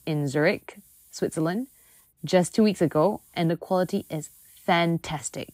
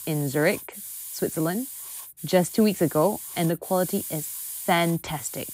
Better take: first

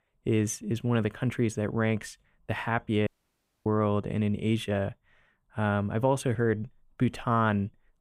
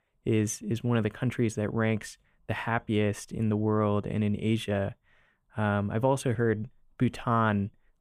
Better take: second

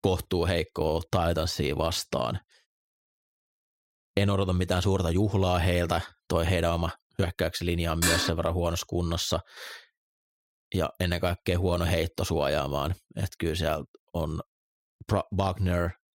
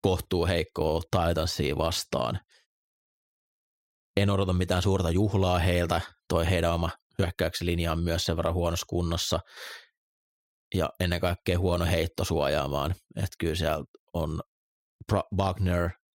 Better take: second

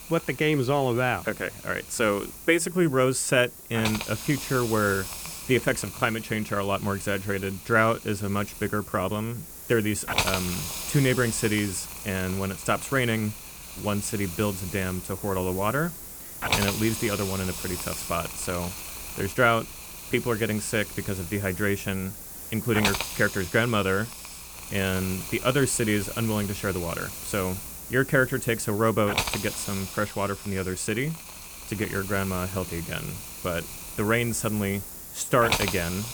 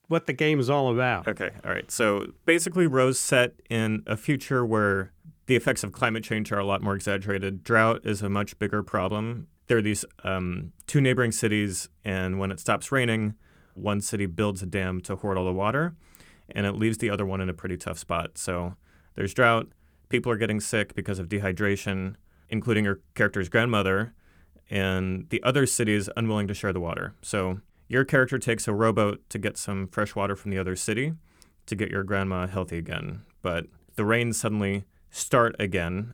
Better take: second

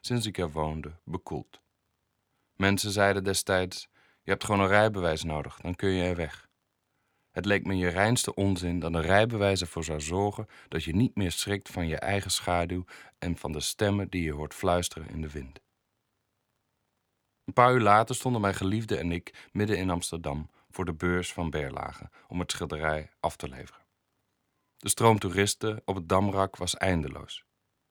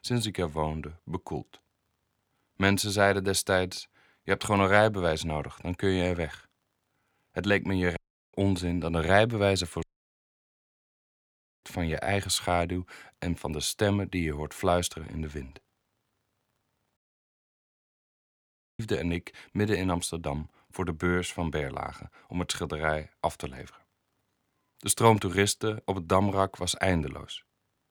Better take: first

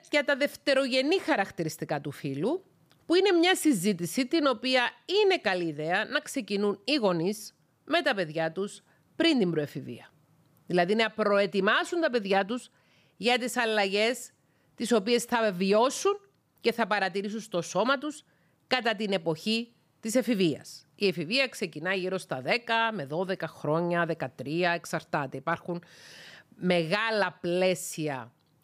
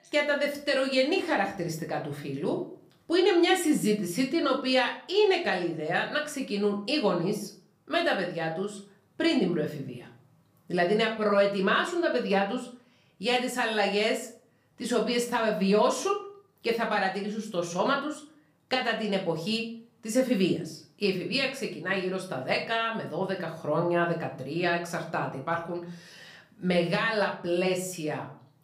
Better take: first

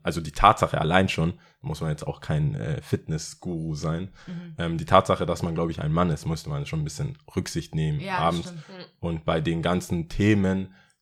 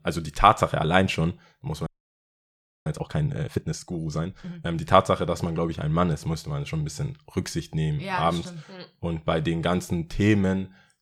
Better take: first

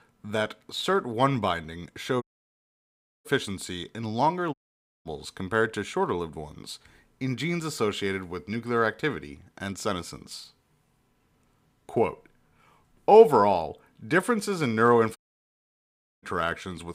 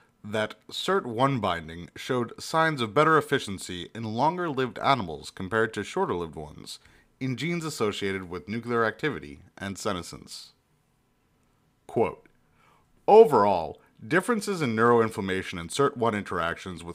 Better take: second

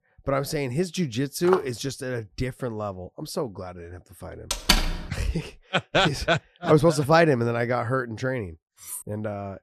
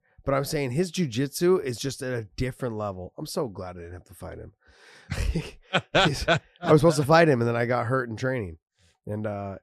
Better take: second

